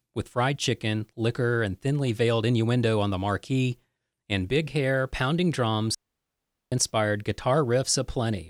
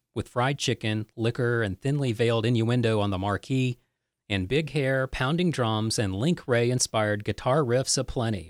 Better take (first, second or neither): second